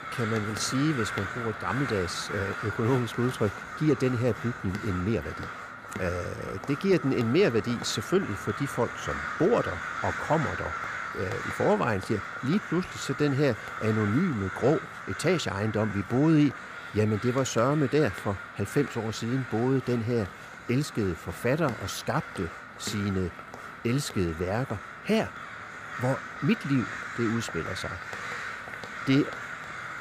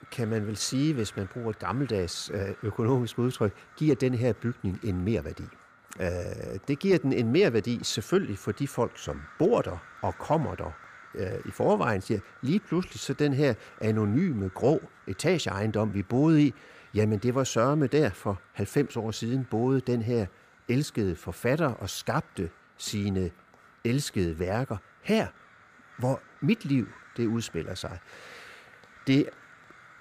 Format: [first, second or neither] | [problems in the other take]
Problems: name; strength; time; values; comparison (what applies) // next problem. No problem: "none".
second | animal sounds; loud; throughout; 8 dB below the speech; faint in the second